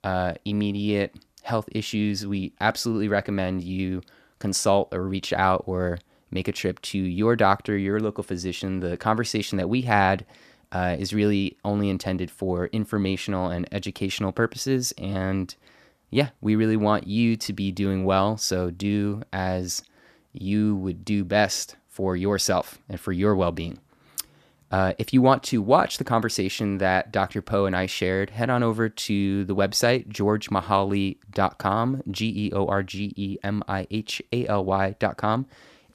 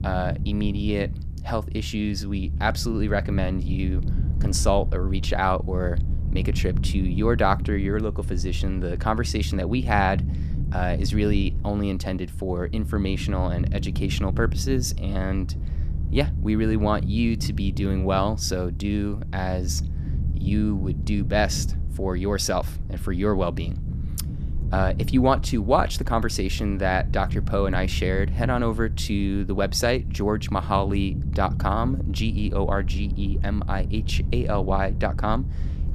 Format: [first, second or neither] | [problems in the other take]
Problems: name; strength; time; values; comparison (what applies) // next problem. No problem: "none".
first | low rumble; noticeable; throughout; 15 dB below the speech